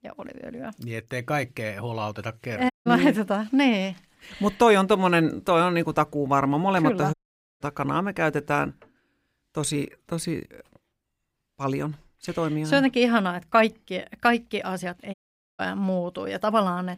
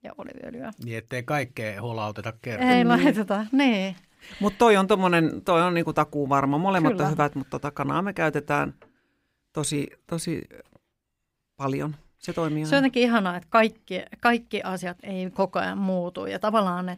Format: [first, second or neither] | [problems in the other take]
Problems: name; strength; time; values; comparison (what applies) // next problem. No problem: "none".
second | audio cutting out; at 2.5 s, at 7 s and at 15 s